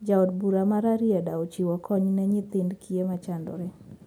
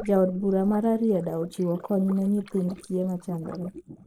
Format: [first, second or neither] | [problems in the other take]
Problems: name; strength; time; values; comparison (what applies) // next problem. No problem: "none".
first | noise reduction (neural mask model Resemble Enhance denoiser)